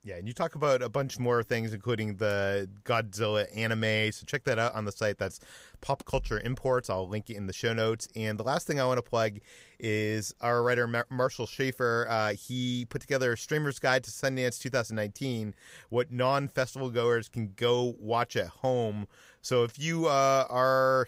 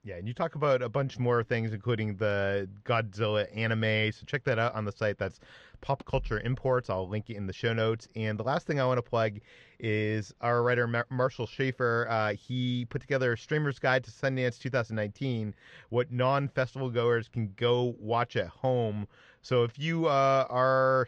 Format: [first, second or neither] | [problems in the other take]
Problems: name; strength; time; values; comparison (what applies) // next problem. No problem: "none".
first | muffled; slightly; fading above 4 kHz